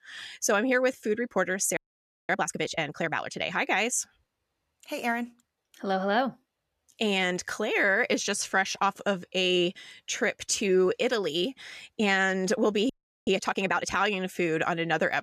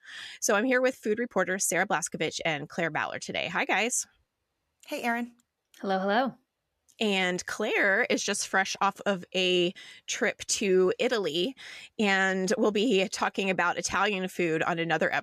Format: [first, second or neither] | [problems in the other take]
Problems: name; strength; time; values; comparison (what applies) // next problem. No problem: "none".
second | audio freezing; at 2 s for 0.5 s and at 13 s